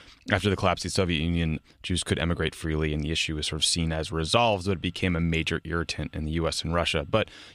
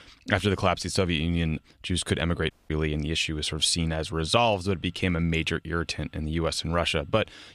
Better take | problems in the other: first | audio cutting out; at 2.5 s

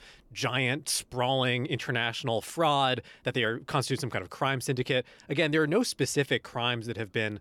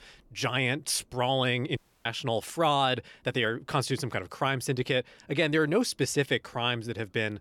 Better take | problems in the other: first | audio cutting out; at 2 s

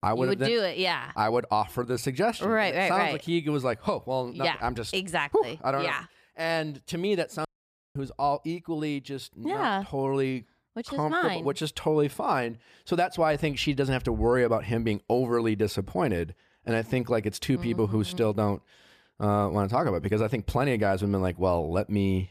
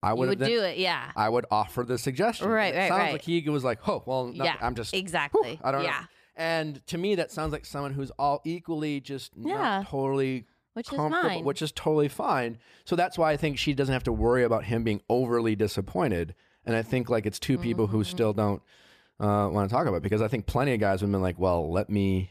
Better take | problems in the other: second | audio cutting out; at 7.5 s for 0.5 s

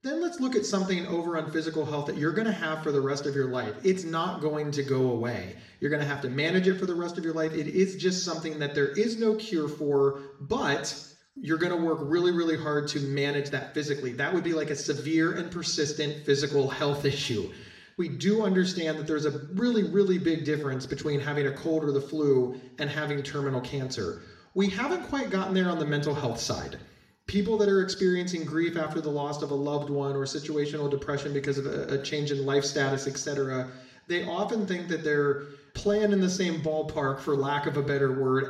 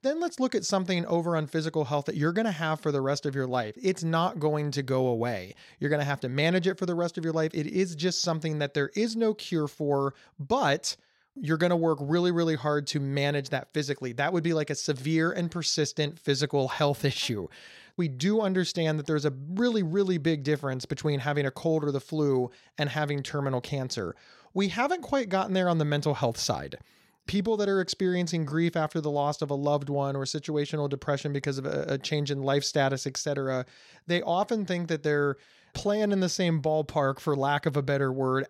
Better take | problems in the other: second | room echo; slight; dies away in 0.7 s // off-mic speech; somewhat distant

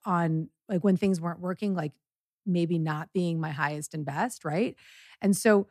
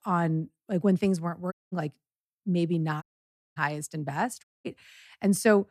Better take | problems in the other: first | audio cutting out; at 1.5 s, at 3 s for 0.5 s and at 4.5 s

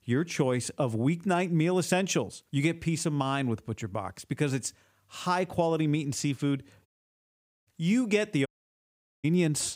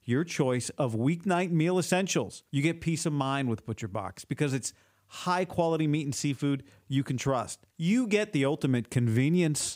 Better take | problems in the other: second | audio cutting out; at 7 s for 1 s and at 8.5 s for 1 s

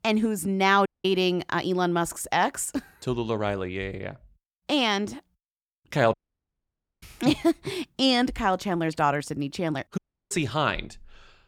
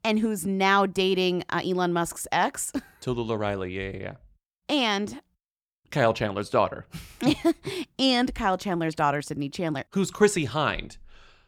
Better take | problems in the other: second | audio cutting out; at 1 s, at 6 s for 1 s and at 10 s

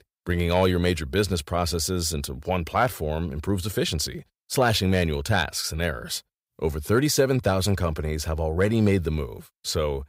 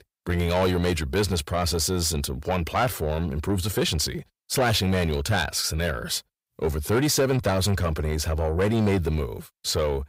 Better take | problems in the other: first | distortion; slight; 10 dB below the speech

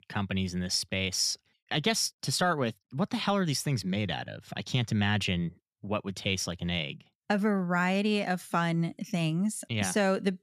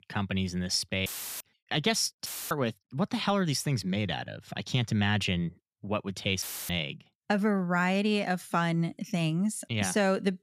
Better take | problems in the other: first | audio cutting out; filled with static; at 1 s, at 2.5 s and at 6.5 s

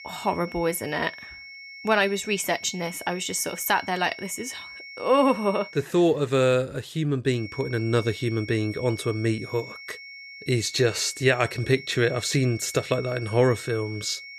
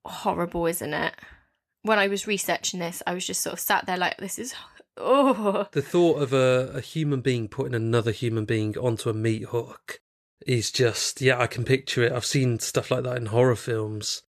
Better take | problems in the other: second | high-pitched whine; noticeable; until 6 s and from 7.5 s on; 2 kHz, 15 dB below the speech

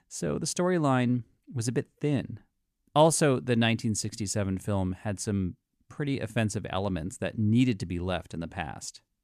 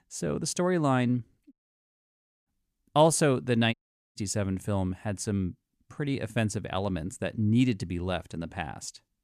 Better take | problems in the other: first | audio cutting out; at 1.5 s for 1 s and at 3.5 s

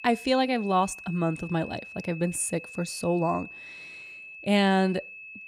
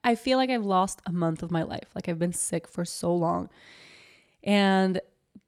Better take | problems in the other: second | high-pitched whine; noticeable; throughout; 2.5 kHz, 15 dB below the speech

